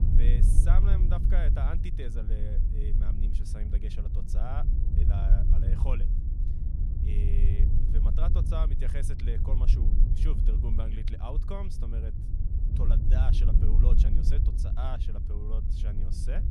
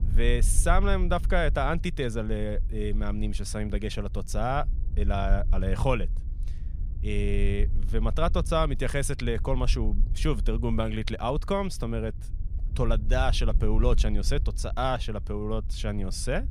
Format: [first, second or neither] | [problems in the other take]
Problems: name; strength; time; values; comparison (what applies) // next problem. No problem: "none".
second | low rumble; loud; throughout; 2 dB below the speech; faint in the second